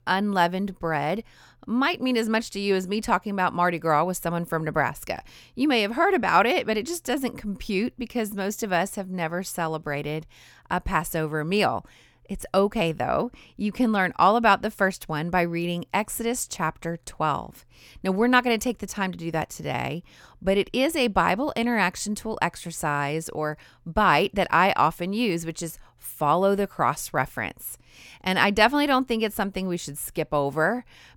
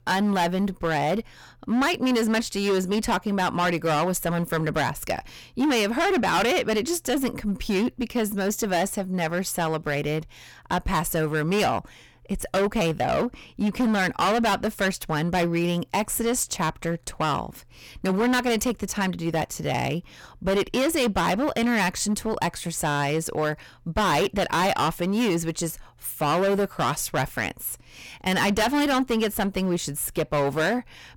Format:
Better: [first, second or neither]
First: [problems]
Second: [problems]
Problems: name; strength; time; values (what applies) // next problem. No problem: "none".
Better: first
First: none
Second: distortion; heavy; 15% of the sound clipped